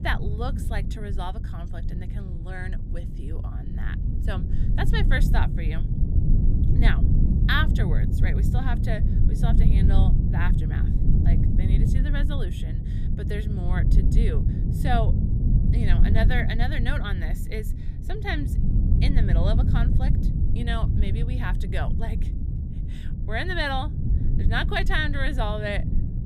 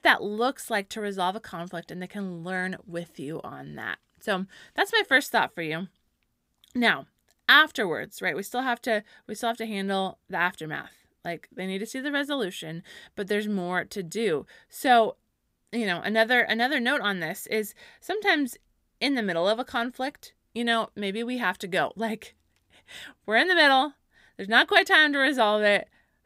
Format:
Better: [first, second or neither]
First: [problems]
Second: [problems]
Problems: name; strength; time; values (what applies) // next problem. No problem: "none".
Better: second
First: low rumble; loud; throughout; 7 dB below the speech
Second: none